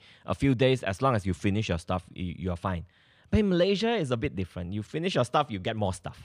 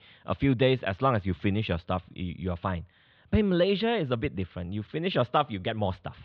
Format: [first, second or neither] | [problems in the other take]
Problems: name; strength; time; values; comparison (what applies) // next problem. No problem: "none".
first | muffled; slightly; fading above 3.5 kHz